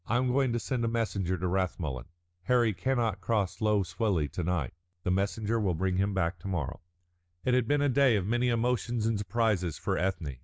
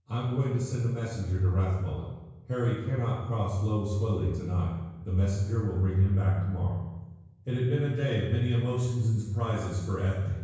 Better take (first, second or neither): first